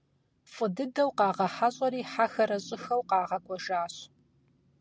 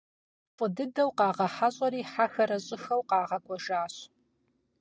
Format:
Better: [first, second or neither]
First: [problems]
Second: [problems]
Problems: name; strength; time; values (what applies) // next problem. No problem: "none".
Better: first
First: none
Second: noise reduction (neural mask model DeepFilterNet 3)